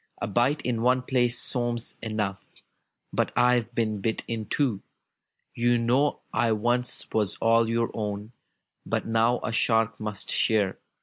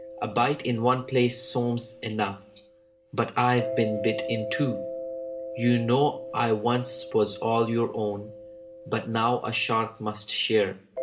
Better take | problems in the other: first | background sound (Mallet percussion); 11 dB below the speech // room echo; dies away in 0.4 s

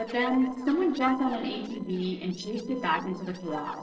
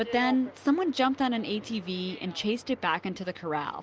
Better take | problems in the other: second | noise reduction (neural separator model SepFormer DNS4)

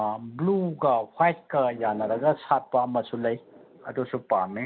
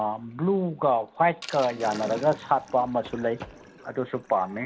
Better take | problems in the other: first | background sound (Run + Sink (filling or washing)); 18 dB below the speech

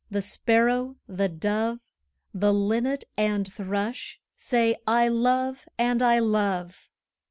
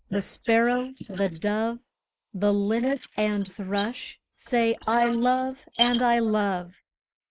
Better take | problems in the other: first | noise reduction (neural mask model Resemble Enhance denoiser)

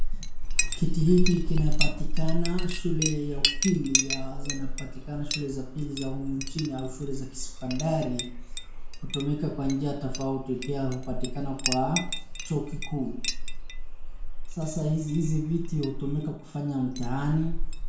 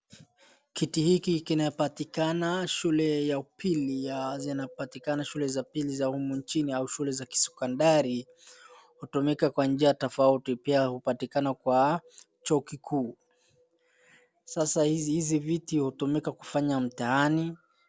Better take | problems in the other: second | background sound (Chink, clink); 3 dB above the speech // room echo; dies away in 0.5 s

